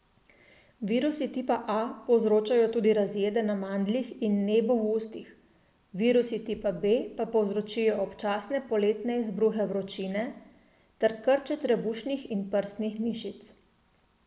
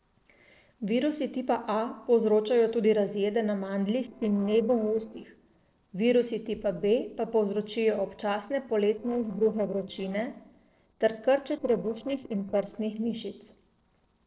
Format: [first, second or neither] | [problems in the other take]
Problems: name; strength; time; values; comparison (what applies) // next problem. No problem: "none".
first | noise reduction (neural separator model SepFormer DNS4)